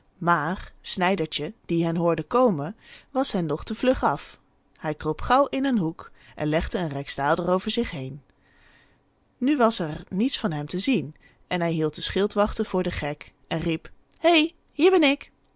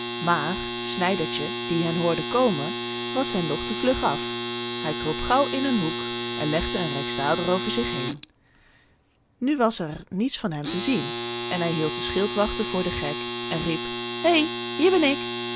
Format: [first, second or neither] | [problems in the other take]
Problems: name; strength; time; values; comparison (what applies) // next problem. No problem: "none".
first | background sound (Domestic sounds, home sounds); 4 dB below the speech